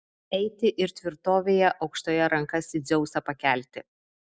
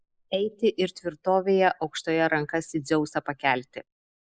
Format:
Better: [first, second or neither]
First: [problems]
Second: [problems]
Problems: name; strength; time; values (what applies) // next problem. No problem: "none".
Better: first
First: none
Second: noise reduction (neural mask model Resemble Enhance denoiser)